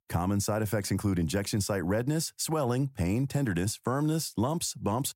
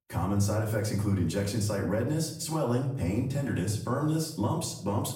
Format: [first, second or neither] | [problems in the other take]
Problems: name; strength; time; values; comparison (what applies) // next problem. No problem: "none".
first | off-mic speech; far // room echo; slight; dies away in 0.5 s